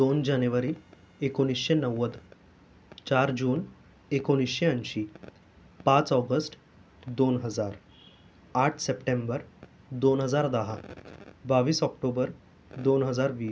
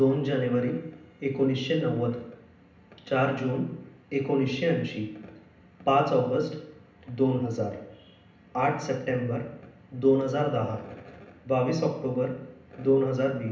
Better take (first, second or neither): first